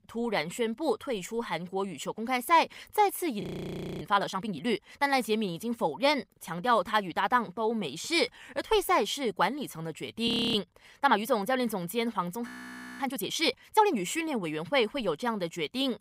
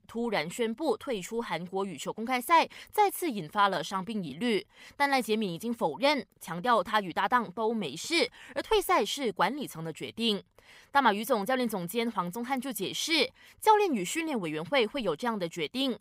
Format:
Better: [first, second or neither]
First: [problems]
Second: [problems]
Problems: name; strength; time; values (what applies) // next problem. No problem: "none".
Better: second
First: audio freezing; at 3.5 s for 0.5 s, at 10 s and at 12 s for 0.5 s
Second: none